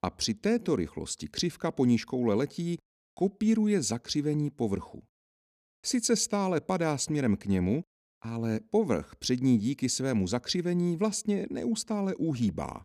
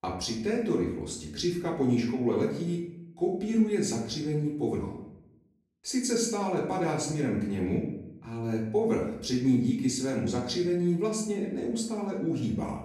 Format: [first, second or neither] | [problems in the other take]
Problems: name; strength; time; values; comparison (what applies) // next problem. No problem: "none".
first | off-mic speech; far // room echo; noticeable; dies away in 0.6 s